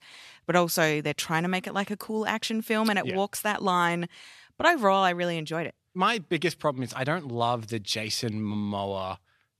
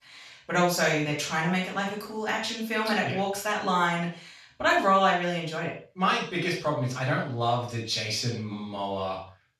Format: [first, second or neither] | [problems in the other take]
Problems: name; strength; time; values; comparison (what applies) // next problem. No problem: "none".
first | room echo; noticeable; dies away in 0.4 s // off-mic speech; far